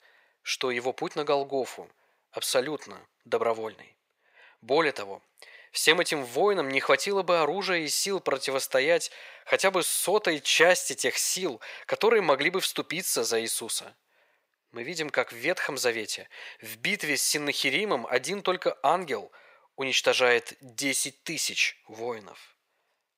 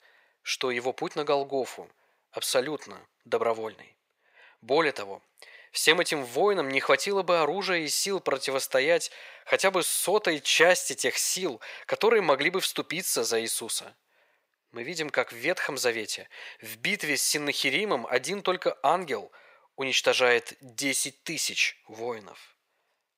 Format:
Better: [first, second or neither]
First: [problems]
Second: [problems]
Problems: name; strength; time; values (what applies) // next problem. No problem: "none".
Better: neither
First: thin; very; fading below 550 Hz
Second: thin; very; fading below 550 Hz